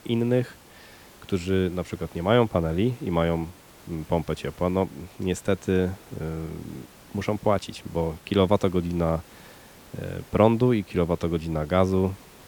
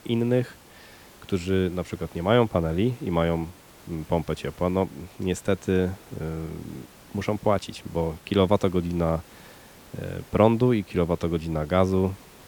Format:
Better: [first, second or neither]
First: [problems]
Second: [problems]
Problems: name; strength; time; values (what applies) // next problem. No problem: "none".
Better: neither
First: hiss; faint; throughout; 25 dB below the speech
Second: hiss; faint; throughout; 25 dB below the speech